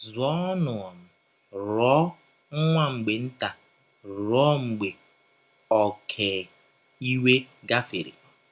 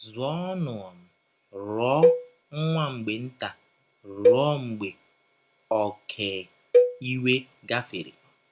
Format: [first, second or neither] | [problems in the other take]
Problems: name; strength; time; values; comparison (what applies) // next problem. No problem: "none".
first | background sound (Cowbell); 4 dB above the speech